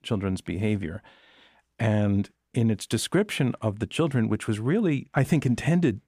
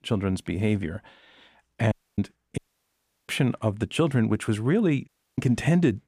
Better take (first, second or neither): first